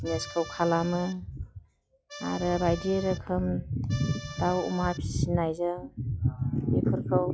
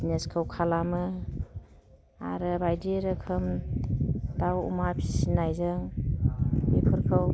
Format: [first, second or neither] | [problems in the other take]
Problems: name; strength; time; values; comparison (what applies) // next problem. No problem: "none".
second | noise reduction (classical method log-MMSE)